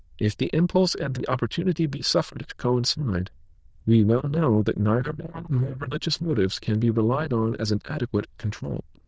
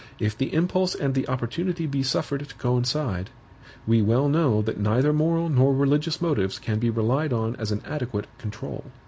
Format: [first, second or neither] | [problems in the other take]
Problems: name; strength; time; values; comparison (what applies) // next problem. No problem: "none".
second | noise reduction (neural diffusion model UNIVERSE++)